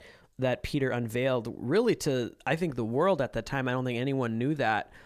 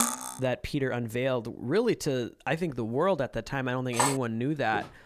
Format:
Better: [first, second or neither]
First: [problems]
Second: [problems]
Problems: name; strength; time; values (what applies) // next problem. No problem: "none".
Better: first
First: none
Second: clattering dishes; loud; at the start and at 4 s; peak 2 dB above the speech // footsteps; very faint; at 4.5 s; peak 10 dB below the speech